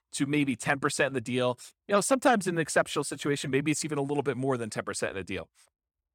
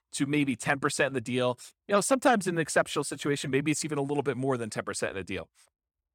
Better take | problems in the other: neither | none

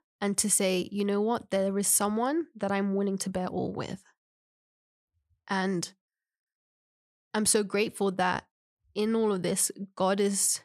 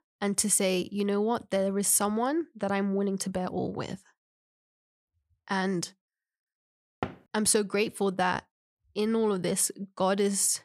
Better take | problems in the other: first | door banging; faint; at 7 s; peak 10 dB below the speech

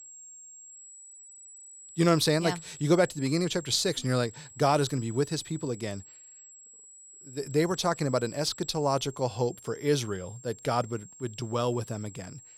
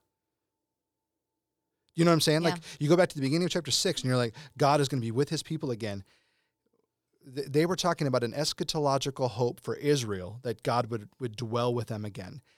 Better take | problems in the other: second | high-pitched whine; noticeable; throughout; 7.5 kHz, 20 dB below the speech

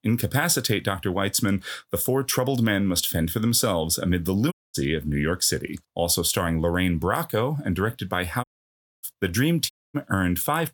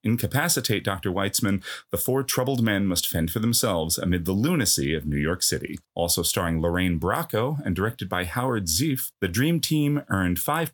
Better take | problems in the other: second | audio cutting out; at 4.5 s, at 8.5 s for 0.5 s and at 9.5 s

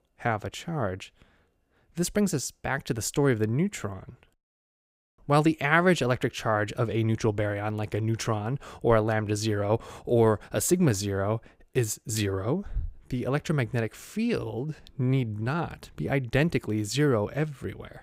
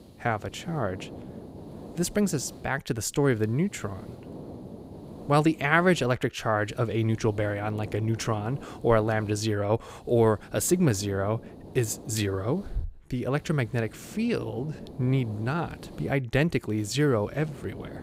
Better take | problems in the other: first | hiss; noticeable; throughout; 20 dB below the speech

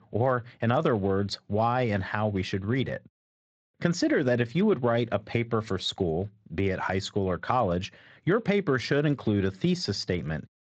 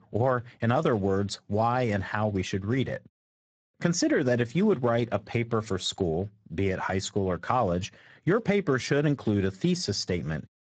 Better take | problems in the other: first | garbled, watery; badly; nothing above 7.5 kHz; slightly in the first

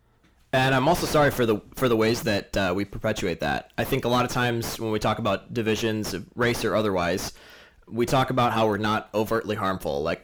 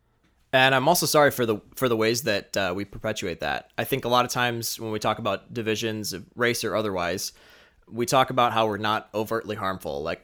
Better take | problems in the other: second | distortion; heavy; 4 dB below the speech

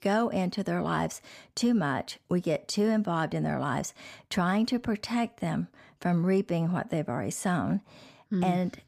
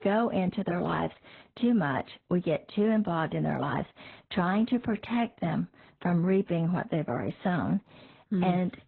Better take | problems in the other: first | garbled, watery; badly; nothing above 4 kHz

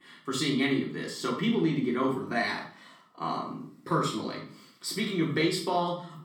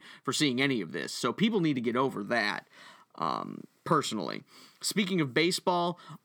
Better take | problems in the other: second | off-mic speech; far // room echo; noticeable; dies away in 0.4 s

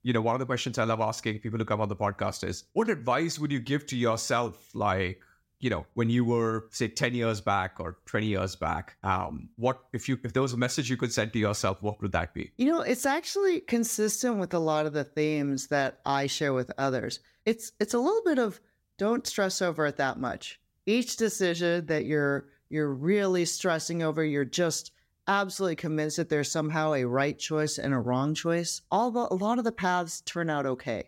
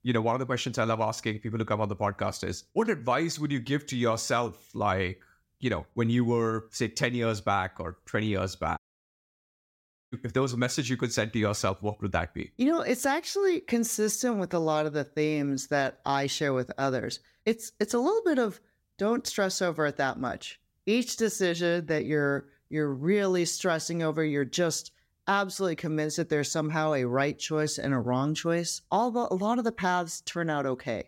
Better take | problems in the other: first | audio cutting out; at 9 s for 1.5 s

